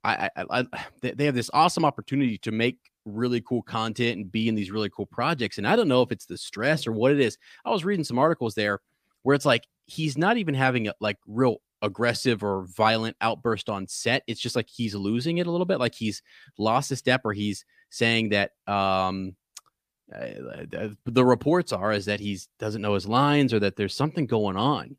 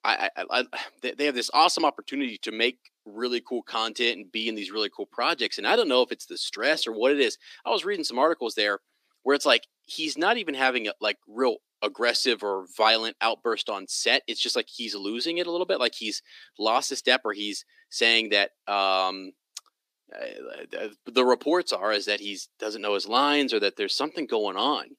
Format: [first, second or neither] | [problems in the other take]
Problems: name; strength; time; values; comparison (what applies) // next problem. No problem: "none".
first | thin; somewhat; fading below 300 Hz